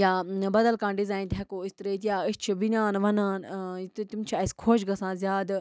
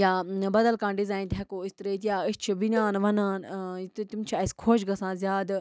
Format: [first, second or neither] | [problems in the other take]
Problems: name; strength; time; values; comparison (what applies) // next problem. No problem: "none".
first | background sound (Cowbell); 12 dB below the speech